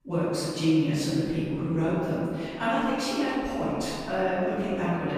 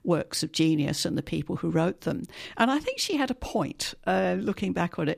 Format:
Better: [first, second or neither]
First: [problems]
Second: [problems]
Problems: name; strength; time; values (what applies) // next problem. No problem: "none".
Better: second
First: off-mic speech; far // room echo; strong; dies away in 2.5 s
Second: none